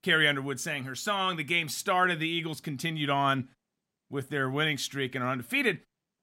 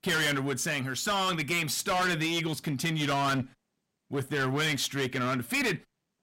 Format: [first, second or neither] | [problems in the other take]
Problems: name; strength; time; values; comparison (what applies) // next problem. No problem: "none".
first | distortion; heavy; 18% of the sound clipped